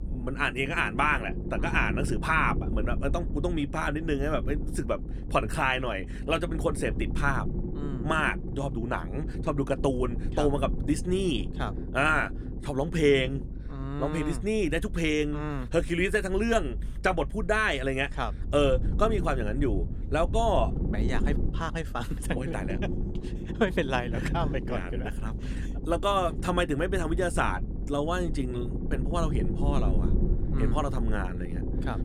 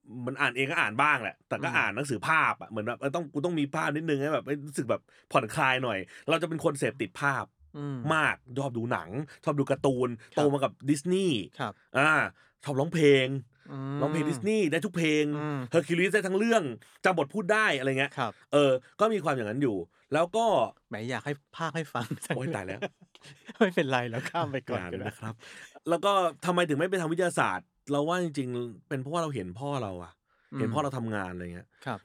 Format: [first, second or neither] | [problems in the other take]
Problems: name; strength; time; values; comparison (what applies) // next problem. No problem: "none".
second | low rumble; noticeable; throughout; 15 dB below the speech